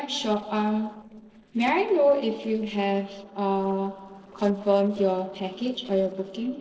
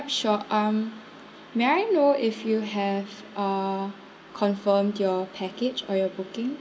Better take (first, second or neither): second